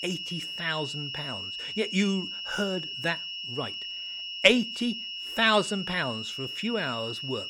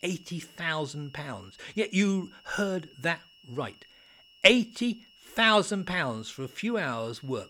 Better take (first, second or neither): second